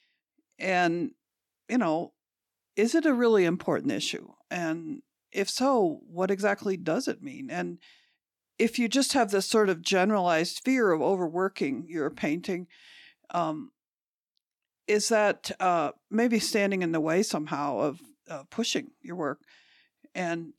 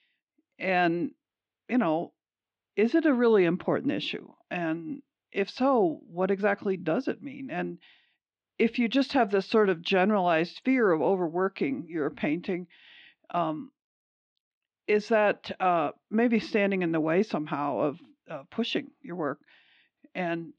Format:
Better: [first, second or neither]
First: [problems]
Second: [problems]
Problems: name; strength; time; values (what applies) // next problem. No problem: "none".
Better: first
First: none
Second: muffled; slightly; fading above 3.5 kHz